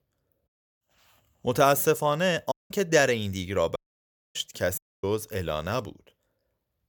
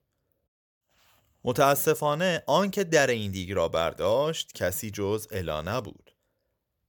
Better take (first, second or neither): second